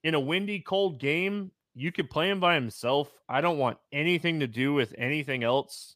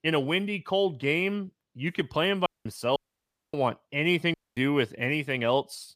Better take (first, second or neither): first